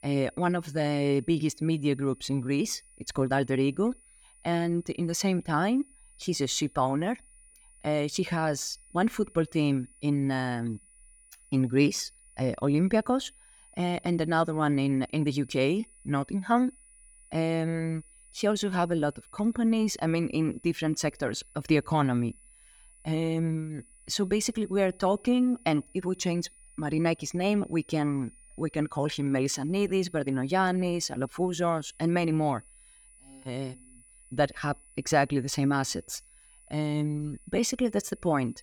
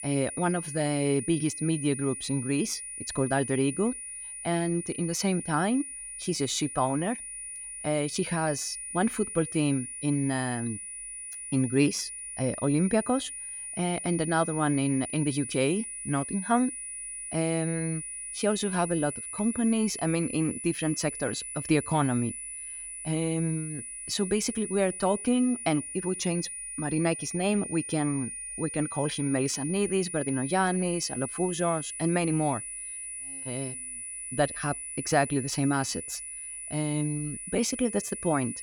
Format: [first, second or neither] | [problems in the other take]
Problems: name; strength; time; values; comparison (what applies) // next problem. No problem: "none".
first | high-pitched whine; loud; throughout; 10 kHz, 7 dB below the speech; faint in the first